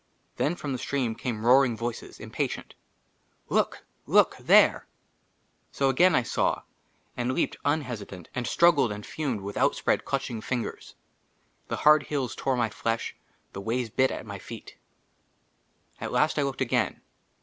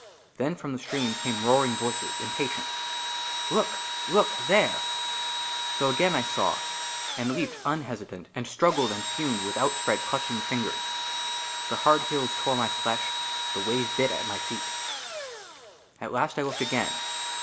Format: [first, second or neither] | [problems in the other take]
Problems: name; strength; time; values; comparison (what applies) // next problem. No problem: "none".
first | background sound (Engine / Drill); 2 dB below the speech // room echo; dies away in 0.8 s